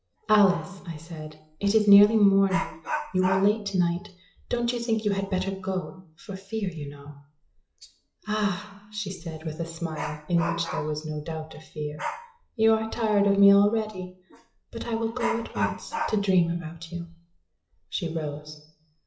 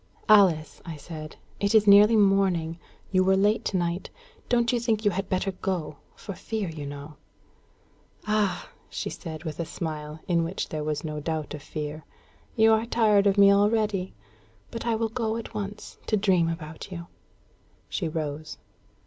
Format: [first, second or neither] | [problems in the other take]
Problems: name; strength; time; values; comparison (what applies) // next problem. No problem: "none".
second | noise reduction (classical method WPE with log-MMSE)